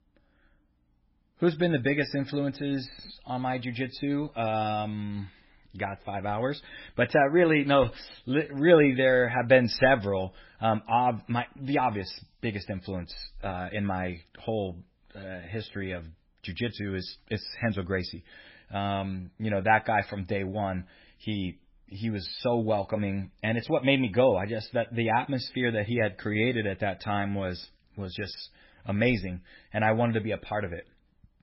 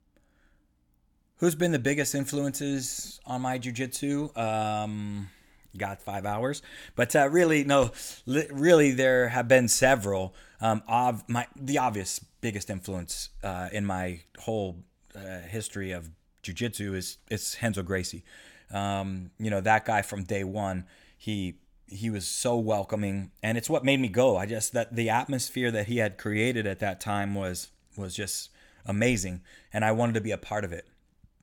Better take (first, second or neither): second